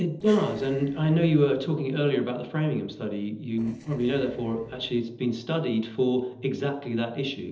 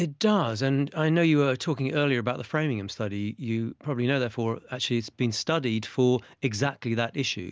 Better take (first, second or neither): second